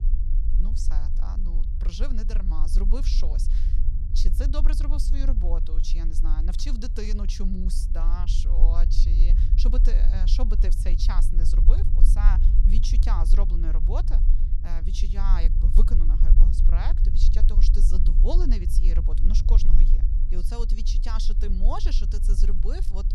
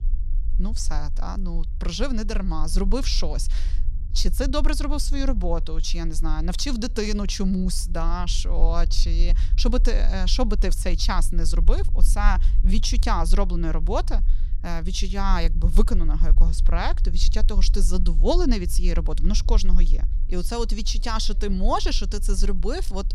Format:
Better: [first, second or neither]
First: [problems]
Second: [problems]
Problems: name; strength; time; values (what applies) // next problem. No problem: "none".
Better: second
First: low rumble; loud; throughout; 7 dB below the speech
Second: low rumble; faint; throughout; 20 dB below the speech